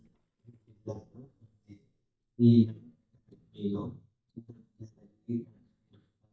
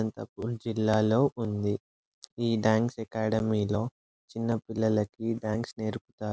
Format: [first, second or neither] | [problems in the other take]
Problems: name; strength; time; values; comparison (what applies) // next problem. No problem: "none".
second | noise reduction (neural mask model DeepFilterNet 3)